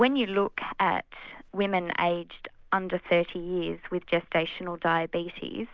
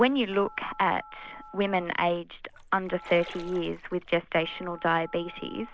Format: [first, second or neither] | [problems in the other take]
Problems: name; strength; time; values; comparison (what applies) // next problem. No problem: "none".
first | background sound (Splash, splatter + Telephone); 20 dB below the speech